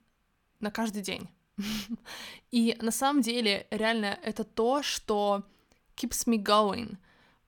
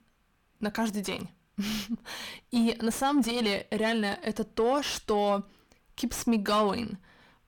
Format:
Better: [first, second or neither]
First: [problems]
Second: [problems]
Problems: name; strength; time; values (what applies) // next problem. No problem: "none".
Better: first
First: none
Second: distortion; slight; 10 dB below the speech